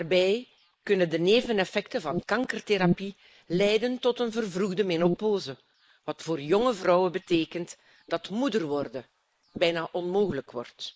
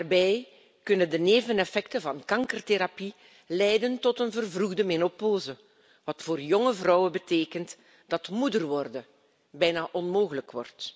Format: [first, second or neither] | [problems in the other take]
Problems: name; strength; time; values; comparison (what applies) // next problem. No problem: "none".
second | noise reduction (neural mask model Resemble Enhance denoiser)